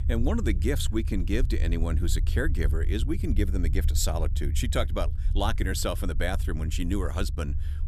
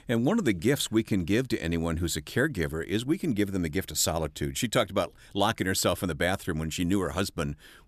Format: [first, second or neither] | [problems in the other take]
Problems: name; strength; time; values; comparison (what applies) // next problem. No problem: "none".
second | low rumble; noticeable; throughout; 15 dB below the speech